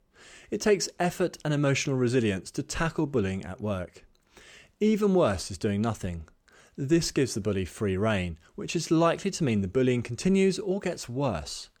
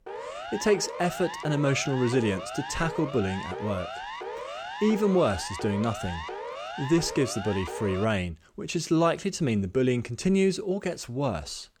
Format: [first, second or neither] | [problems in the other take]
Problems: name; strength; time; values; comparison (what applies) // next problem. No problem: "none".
first | siren; noticeable; until 8 s; peak 8 dB below the speech